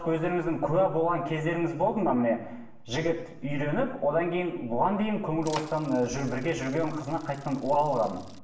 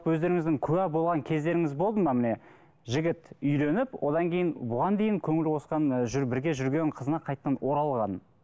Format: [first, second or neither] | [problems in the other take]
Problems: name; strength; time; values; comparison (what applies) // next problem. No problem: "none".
second | background sound (Bicycle); 19 dB below the speech // room echo; dies away in 0.8 s